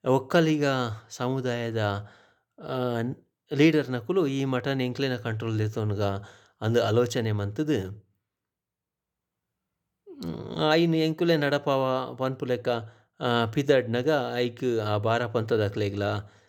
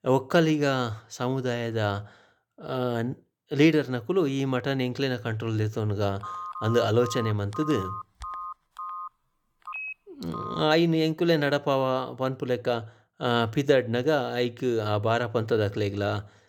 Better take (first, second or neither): first